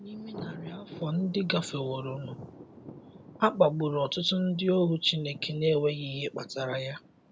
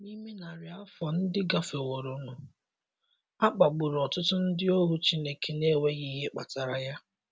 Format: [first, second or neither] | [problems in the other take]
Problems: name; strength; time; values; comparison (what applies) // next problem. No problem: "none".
second | background sound (Thunder); 18 dB below the speech